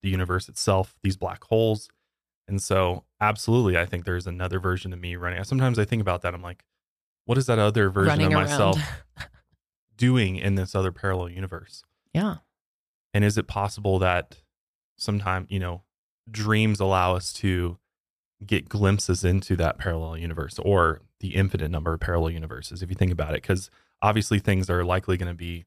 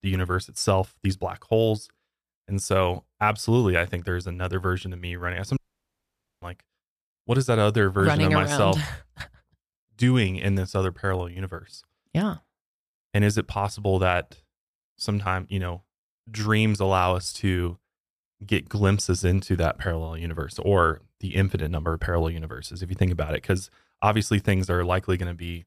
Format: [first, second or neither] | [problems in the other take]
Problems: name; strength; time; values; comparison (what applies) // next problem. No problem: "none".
first | audio cutting out; at 5.5 s for 1 s